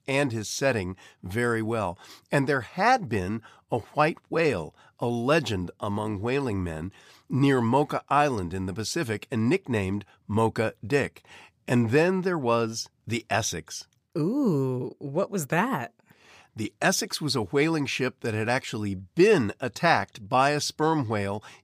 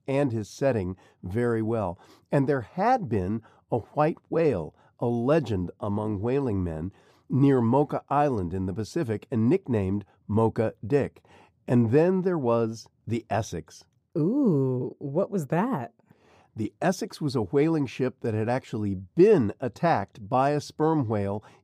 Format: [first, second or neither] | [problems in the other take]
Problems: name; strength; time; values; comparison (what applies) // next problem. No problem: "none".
first | muffled; slightly; fading above 1 kHz